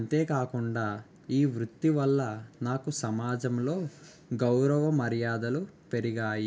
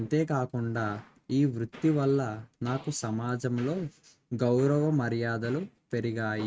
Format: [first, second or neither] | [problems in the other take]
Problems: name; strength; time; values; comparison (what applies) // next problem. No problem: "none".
first | noise reduction (neural mask model RNNoise)